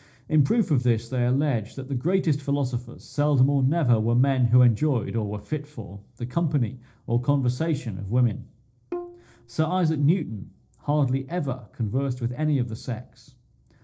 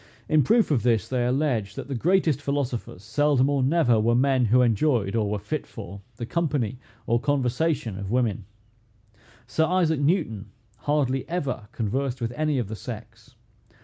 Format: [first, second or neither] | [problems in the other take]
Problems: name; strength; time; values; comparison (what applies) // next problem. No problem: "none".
second | noise reduction (neural separator model SepFormer DNS4)